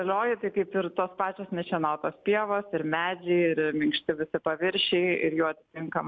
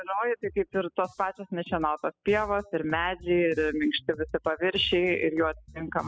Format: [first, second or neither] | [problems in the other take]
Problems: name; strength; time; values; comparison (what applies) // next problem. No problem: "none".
first | noise reduction (classical method spectral subtraction)